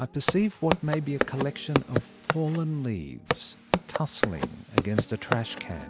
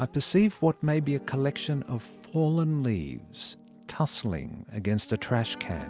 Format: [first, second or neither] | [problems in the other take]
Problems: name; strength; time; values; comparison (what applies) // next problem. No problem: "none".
second | background sound (Walk, footsteps); as loud as the speech